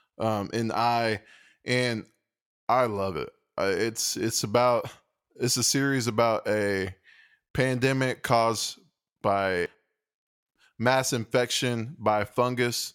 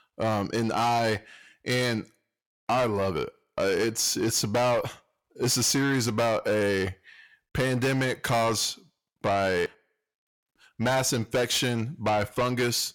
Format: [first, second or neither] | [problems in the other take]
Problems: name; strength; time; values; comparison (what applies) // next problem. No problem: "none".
first | distortion; heavy; 8 dB below the speech